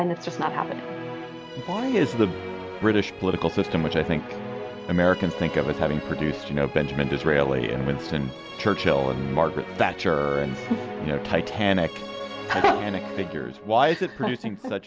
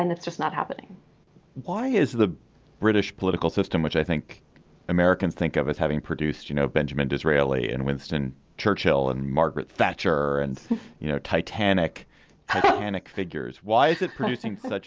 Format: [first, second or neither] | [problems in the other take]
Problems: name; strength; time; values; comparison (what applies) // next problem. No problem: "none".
second | background sound (Musical instrument); 10 dB below the speech